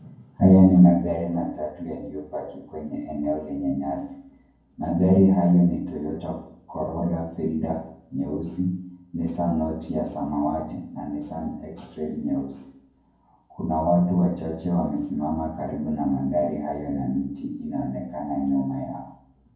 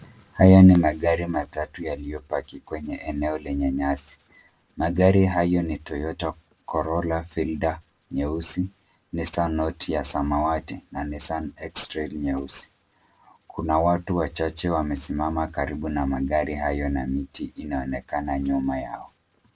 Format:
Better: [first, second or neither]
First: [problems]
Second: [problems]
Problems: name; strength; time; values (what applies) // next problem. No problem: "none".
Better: second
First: room echo; dies away in 0.9 s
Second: none